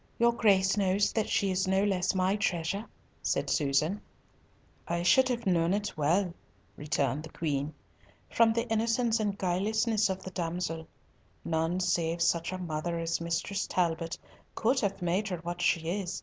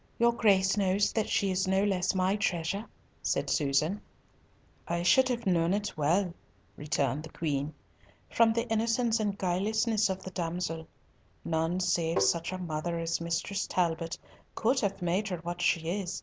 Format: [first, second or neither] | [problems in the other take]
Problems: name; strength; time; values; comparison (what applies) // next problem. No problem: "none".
first | background sound (Tap); 3 dB below the speech